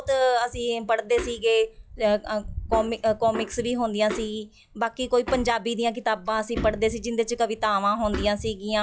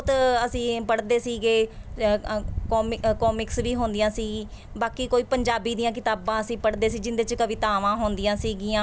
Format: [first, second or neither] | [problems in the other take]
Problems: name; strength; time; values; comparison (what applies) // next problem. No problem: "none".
second | noise reduction (classical method log-MMSE)